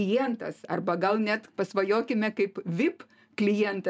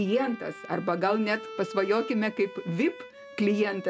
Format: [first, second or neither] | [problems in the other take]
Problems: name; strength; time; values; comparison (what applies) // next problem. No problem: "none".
first | background sound (Bowed string instrument); 15 dB below the speech